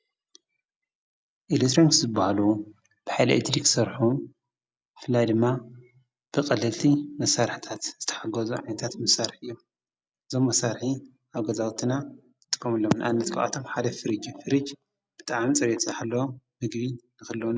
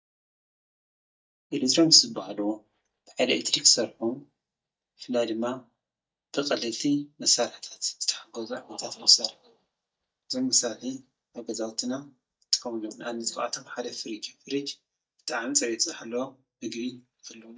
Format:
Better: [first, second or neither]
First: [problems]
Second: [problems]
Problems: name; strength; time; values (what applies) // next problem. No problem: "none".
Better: first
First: none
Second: noise reduction (neural mask model DeepFilterNet 3)